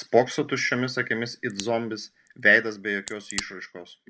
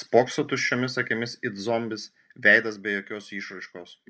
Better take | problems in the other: second | background sound (Crack); 15 dB below the speech

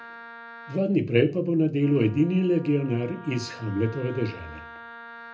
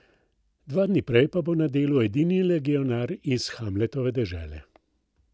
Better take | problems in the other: second | background sound (Wind instrument, woodwind instrument); 19 dB below the speech // room echo; dies away in 0.3 s

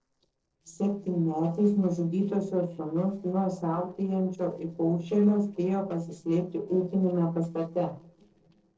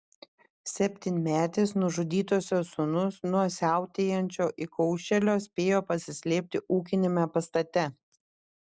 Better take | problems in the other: second | noise reduction (neural separator model SepFormer DNS4)

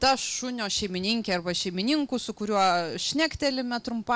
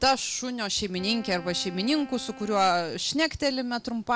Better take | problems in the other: first | background sound (Wind instrument, woodwind instrument); 19 dB below the speech

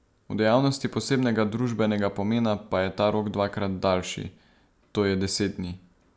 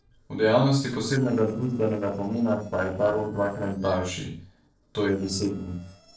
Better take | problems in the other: first | noise reduction (neural separator model SepFormer DNS4)

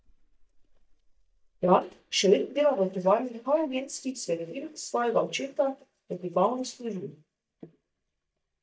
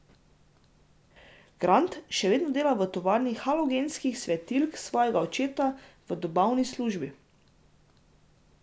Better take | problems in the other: second | noise reduction (neural mask model DeepFilterNet 3)

